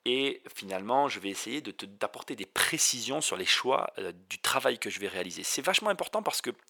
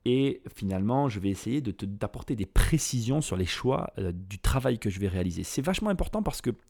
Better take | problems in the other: second | thin; very; fading below 600 Hz

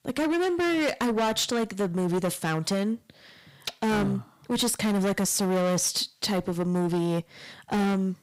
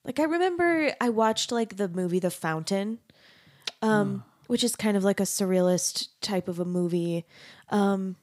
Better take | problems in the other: second | distortion; heavy; 21% of the sound clipped

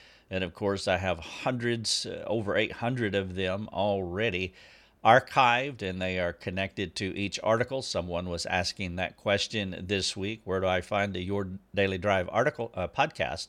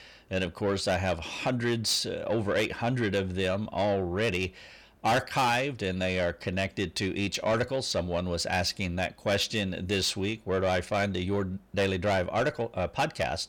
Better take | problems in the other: first | distortion; heavy; 8 dB below the speech

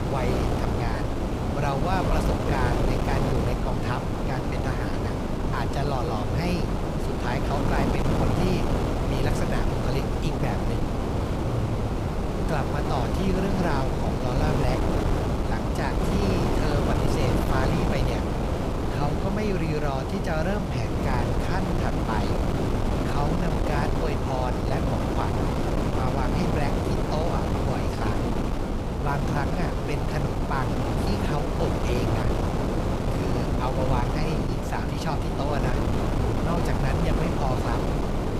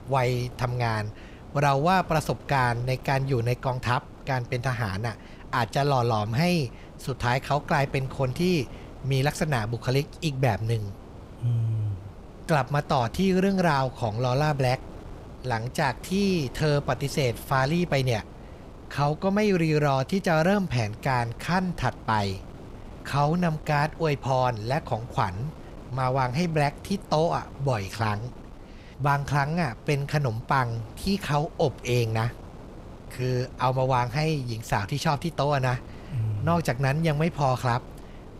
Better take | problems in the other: second | wind noise on the microphone; heavy; 2 dB above the speech; occasional gusts in the second

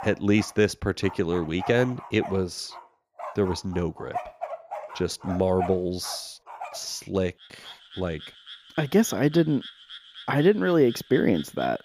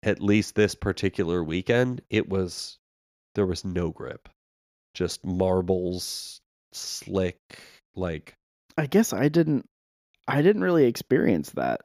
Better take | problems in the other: second | animal sounds; noticeable; throughout; 15 dB below the speech

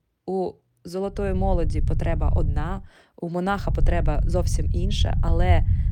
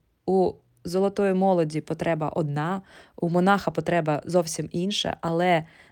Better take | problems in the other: second | low rumble; noticeable; from 1 to 2.5 s and from 3.5 s on; 10 dB below the speech

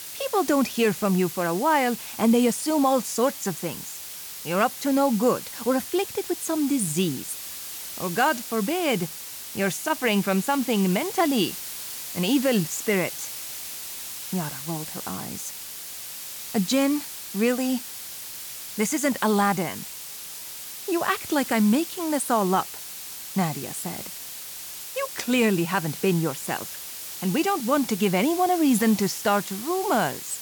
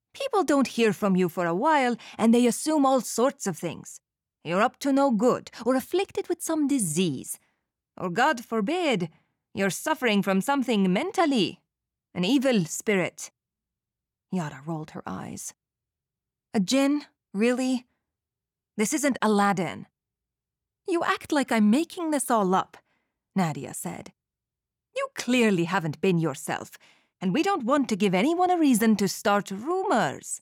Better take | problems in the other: second | hiss; loud; throughout; 9 dB below the speech

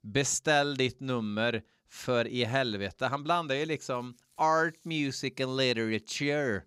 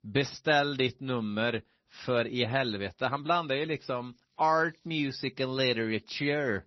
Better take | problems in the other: first | garbled, watery; slightly; nothing above 6 kHz

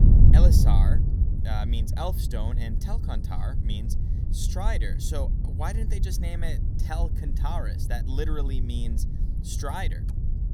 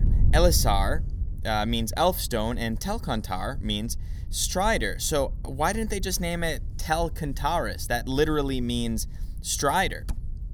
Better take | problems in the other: second | wind noise on the microphone; heavy; 5 dB below the speech; occasional gusts in the second

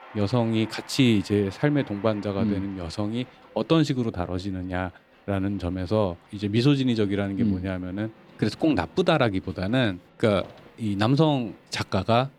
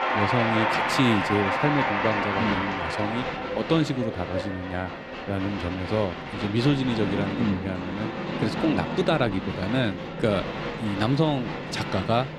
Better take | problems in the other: first | crowd noise; loud; throughout; 2 dB below the speech; faint in the first

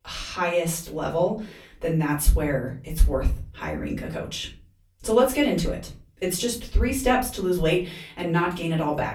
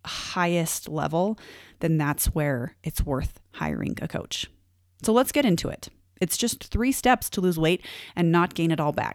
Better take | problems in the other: second | off-mic speech; far // room echo; slight; dies away in 0.3 s

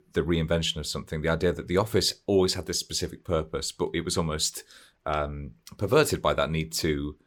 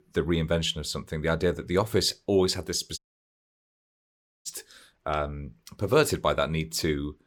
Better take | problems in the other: first | audio cutting out; at 3 s for 1.5 s

